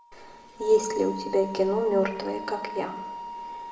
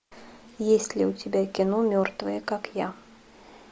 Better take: second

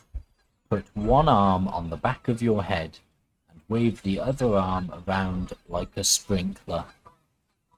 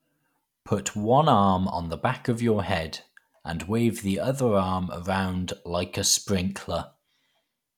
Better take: second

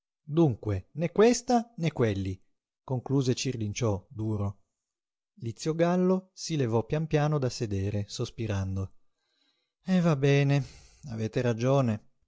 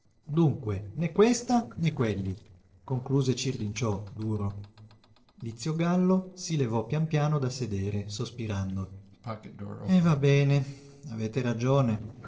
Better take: first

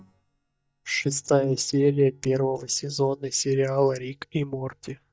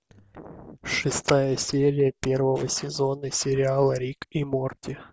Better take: second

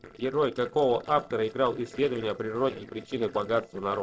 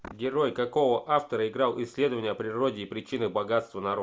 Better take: second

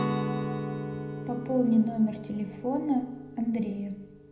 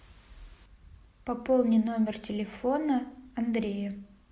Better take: second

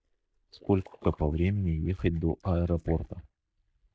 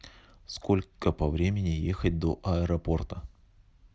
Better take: second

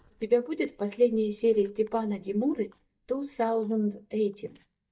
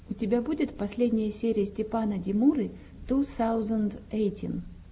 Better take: second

